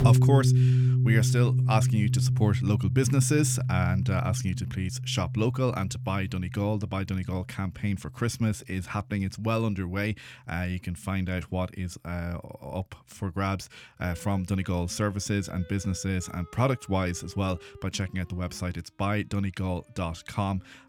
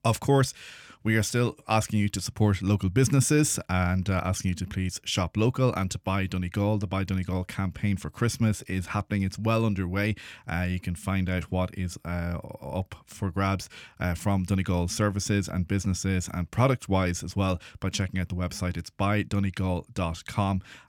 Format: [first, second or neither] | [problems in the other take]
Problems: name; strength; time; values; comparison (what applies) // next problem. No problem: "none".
second | background music; very loud; throughout; 3 dB above the speech